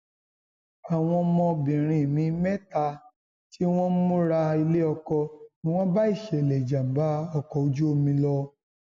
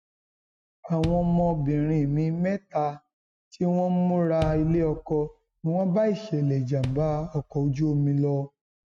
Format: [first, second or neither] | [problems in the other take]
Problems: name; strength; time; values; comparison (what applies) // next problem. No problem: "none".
first | noise reduction (neural mask model RNNoise)